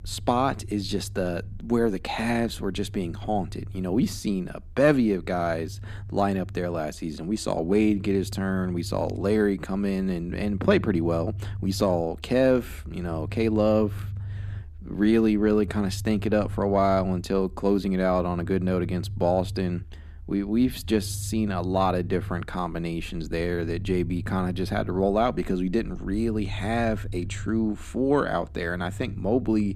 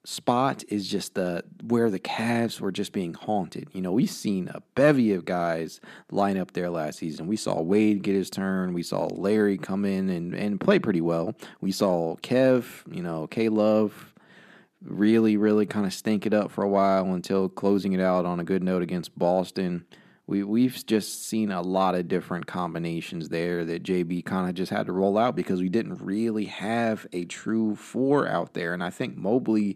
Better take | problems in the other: second | low rumble; faint; throughout; 25 dB below the speech

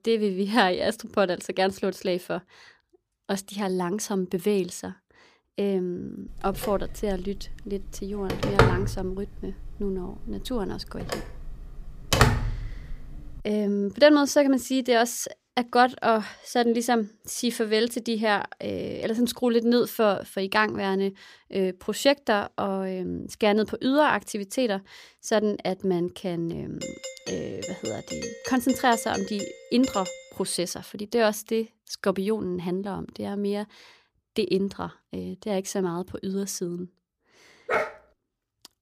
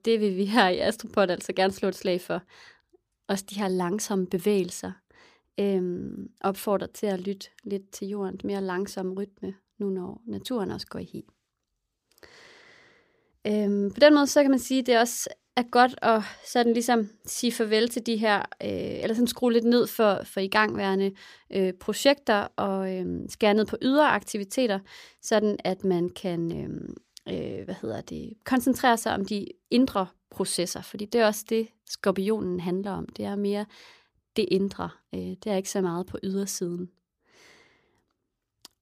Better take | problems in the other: second | phone ringing; loud; from 6.5 to 13 s; peak 5 dB above the speech // doorbell; noticeable; from 27 to 30 s; peak 8 dB below the speech // dog barking; noticeable; at 38 s; peak 1 dB below the speech

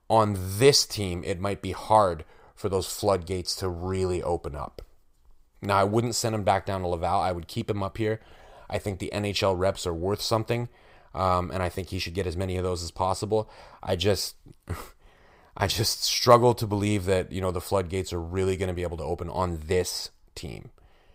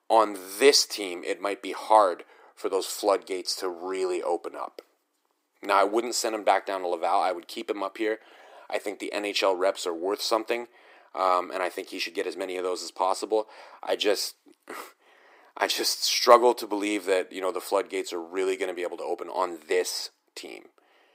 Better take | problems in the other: first | thin; somewhat; fading below 300 Hz

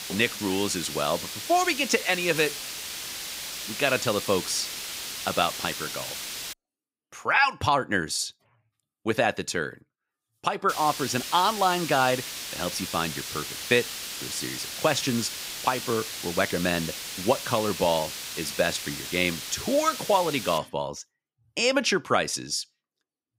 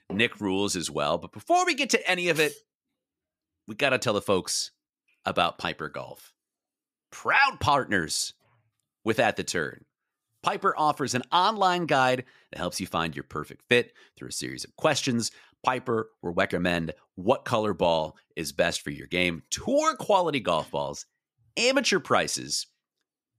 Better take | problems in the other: second | hiss; loud; until 6.5 s and from 11 to 21 s; 7 dB below the speech

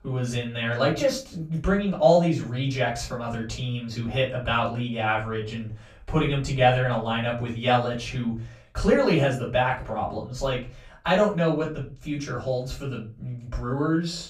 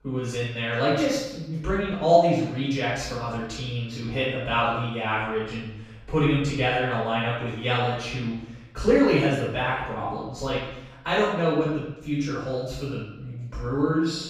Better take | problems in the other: first | room echo; strong; dies away in 0.8 s; slight in the first // off-mic speech; far; far in the first

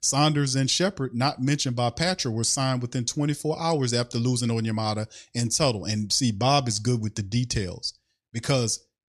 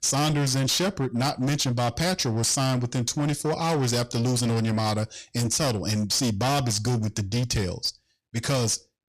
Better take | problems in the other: first | distortion; heavy; 26% of the sound clipped

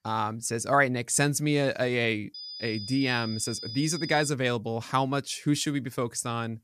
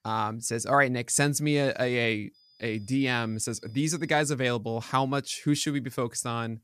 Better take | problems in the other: second | high-pitched whine; loud; from 2.5 to 4.5 s; 5 kHz, 10 dB below the speech; faint in the second

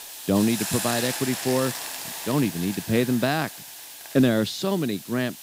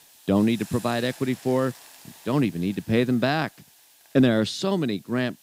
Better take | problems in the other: second | hiss; loud; throughout; 7 dB below the speech; faint in the second

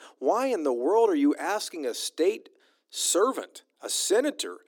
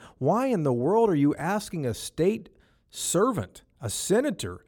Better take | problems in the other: second | thin; very slightly; fading below 300 Hz

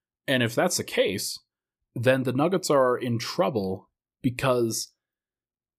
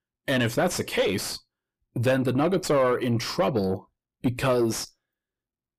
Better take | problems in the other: first | distortion; slight; 9 dB below the speech

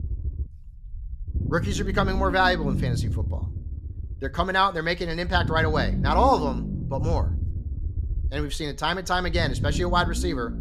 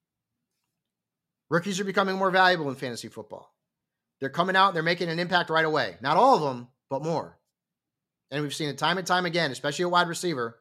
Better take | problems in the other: second | low rumble; noticeable; throughout; 15 dB below the speech

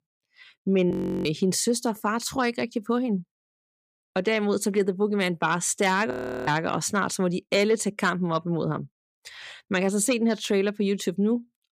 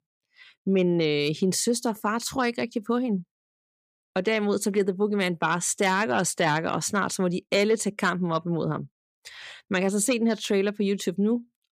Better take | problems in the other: second | audio freezing; at 1 s and at 6 s

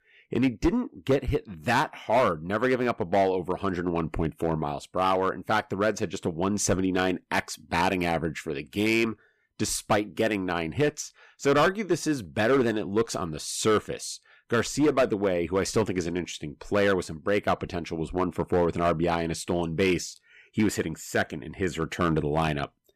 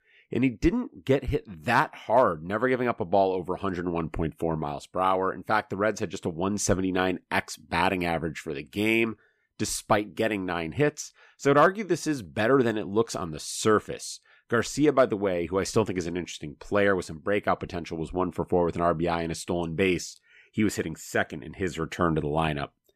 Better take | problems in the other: second | distortion; slight; 4% of the sound clipped

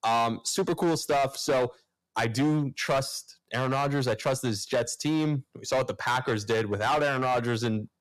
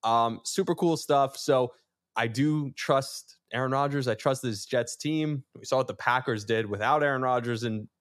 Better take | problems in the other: second | distortion; heavy; 13% of the sound clipped

